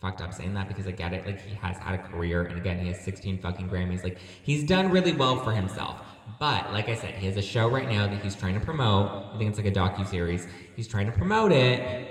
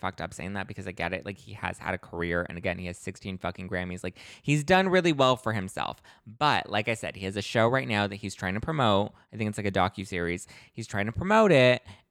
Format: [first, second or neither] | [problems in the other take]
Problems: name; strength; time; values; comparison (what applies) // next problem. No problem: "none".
second | room echo; slight; dies away in 1.8 s